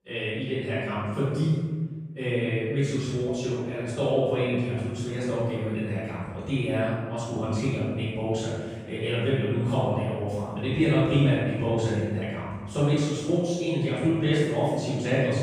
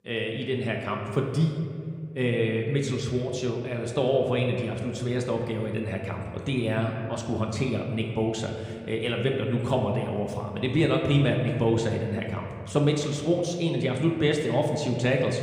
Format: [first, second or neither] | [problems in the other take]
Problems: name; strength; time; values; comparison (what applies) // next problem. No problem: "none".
second | room echo; strong; dies away in 1.3 s; slight in the second // off-mic speech; far